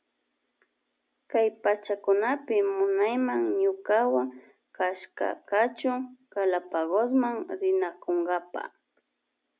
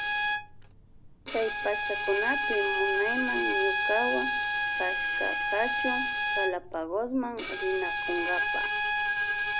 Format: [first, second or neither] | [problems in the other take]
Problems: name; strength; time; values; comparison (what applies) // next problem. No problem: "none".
first | background sound (Bowed string instrument); 3 dB above the speech